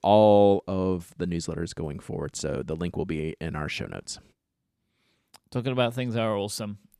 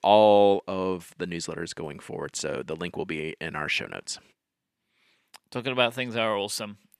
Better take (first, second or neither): first